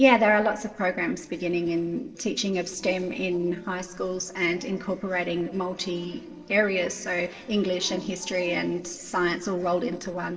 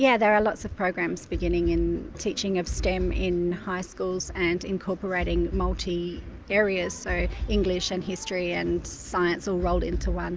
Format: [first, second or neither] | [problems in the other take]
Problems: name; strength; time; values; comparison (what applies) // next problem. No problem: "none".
second | noise reduction (neural separator model SepFormer DNS4)